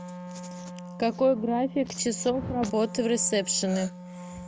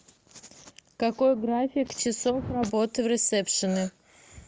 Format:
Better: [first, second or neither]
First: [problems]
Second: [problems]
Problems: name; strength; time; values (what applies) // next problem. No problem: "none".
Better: second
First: background sound (Wind instrument, woodwind instrument); 13 dB below the speech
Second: none